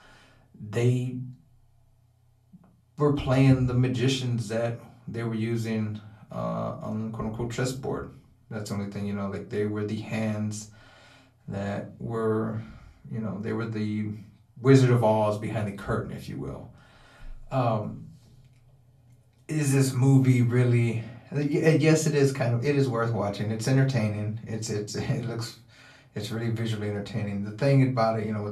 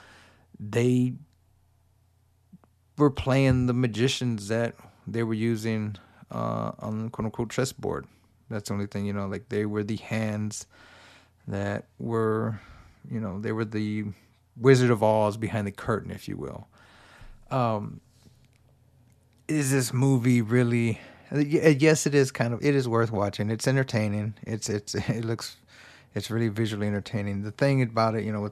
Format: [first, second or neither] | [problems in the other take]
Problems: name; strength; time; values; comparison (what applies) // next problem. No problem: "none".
second | off-mic speech; far // room echo; very slight; dies away in 0.3 s